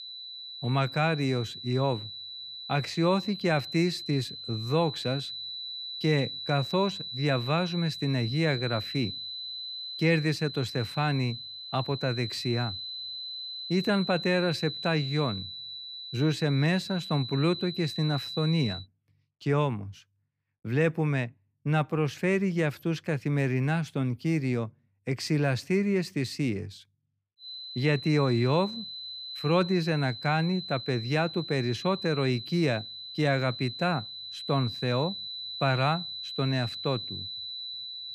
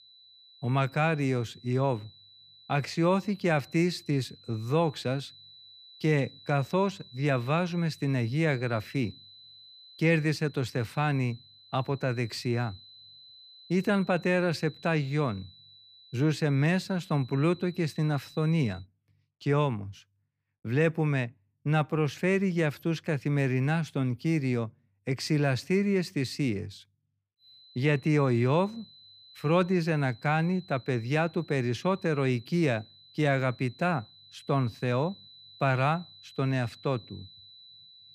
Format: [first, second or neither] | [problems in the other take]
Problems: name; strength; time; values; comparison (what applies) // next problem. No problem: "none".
second | high-pitched whine; loud; until 19 s and from 27 s on; 4 kHz, 8 dB below the speech; faint in the second